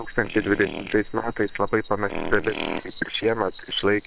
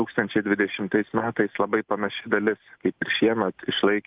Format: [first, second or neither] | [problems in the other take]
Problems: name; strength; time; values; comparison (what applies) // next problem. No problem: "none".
second | noise reduction (neural separator model SepFormer WHAM!)